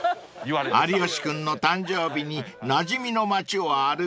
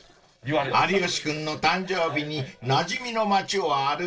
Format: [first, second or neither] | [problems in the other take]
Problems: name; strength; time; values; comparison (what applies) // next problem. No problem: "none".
first | noise reduction (neural separator model SepFormer DNS4)